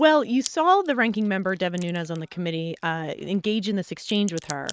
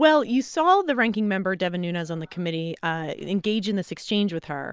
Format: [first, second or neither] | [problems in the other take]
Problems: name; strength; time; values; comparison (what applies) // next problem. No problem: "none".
second | noise reduction (neural mask model RNNoise)